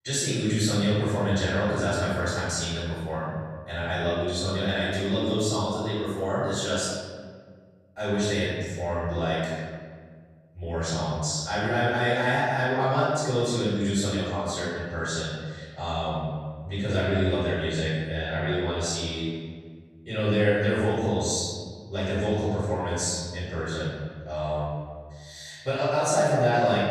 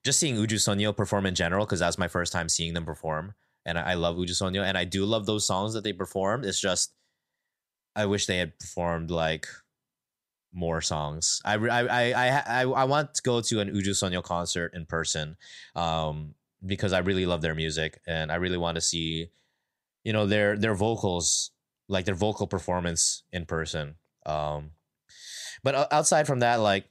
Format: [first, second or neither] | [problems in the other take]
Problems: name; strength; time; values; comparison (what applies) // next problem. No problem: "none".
second | room echo; strong; dies away in 1.7 s // off-mic speech; far